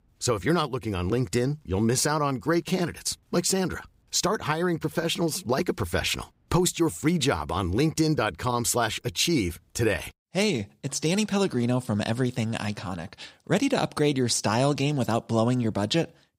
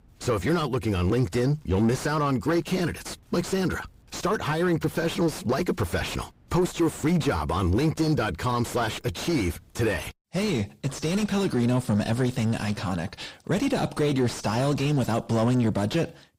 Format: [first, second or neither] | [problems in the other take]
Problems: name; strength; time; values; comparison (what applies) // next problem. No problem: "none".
first | distortion; heavy; 6 dB below the speech